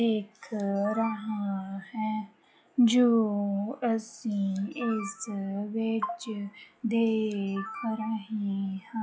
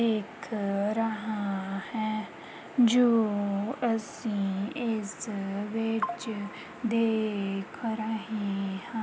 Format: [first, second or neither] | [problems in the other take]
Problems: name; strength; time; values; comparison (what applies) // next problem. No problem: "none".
second | noise reduction (classical method log-MMSE)